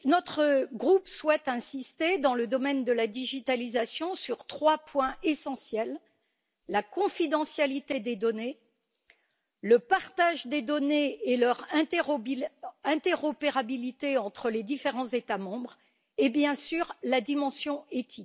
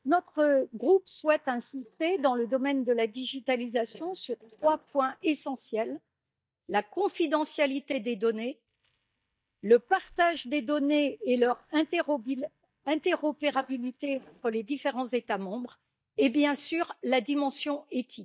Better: first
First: none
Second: noise reduction (neural mask model DeepFilterNet 3)

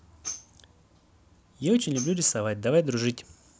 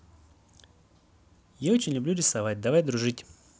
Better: second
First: background sound (Tambourine); 16 dB below the speech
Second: none

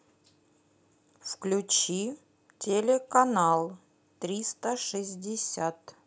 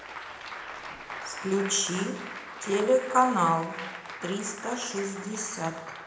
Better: first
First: none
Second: background sound (Applause); 10 dB below the speech // room echo; dies away in 0.9 s

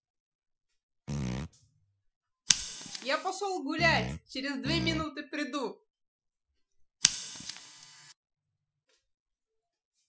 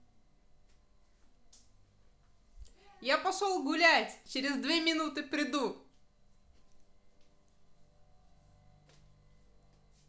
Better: second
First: noise reduction (classical method Wiener filter)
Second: none

